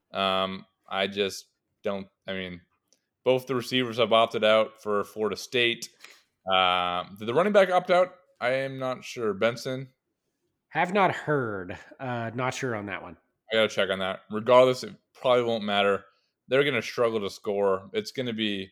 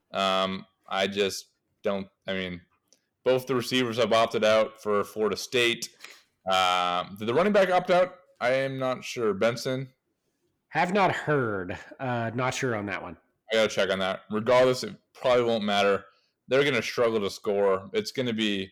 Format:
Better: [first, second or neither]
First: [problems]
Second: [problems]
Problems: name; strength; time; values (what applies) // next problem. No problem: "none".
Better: first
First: none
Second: distortion; slight; 10 dB below the speech